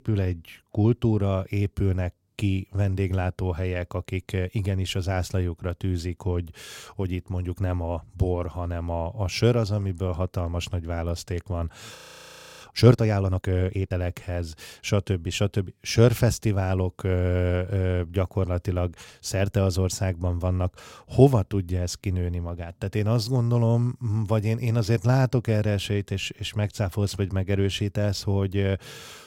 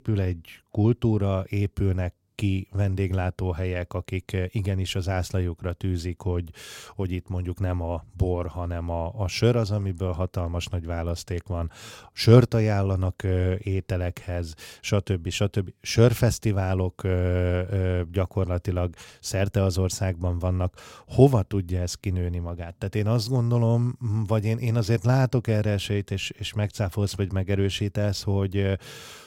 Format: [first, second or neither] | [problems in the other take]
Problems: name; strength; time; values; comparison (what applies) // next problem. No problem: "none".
second | audio freezing; at 12 s for 0.5 s